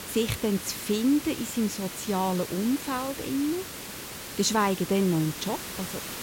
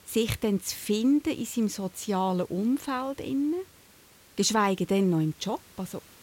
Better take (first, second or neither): second